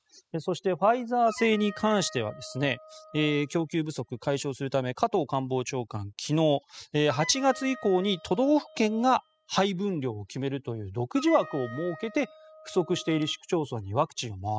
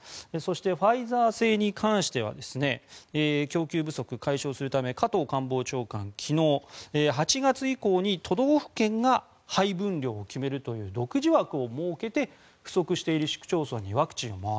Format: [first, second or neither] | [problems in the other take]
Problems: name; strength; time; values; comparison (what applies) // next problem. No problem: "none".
second | noise reduction (classical method spectral subtraction)